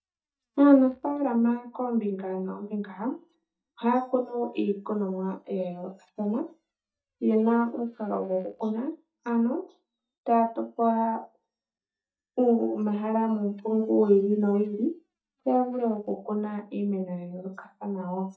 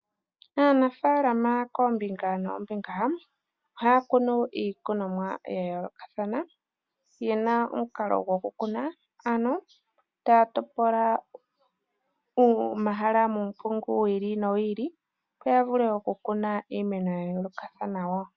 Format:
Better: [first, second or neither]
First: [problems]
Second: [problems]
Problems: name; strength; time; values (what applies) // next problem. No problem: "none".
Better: second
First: noise reduction (neural mask model DeepFilterNet 3)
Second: none